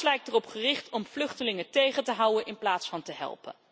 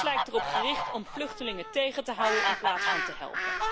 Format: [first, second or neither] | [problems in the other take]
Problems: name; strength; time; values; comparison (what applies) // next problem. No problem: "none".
first | background sound (Fowl); 2 dB above the speech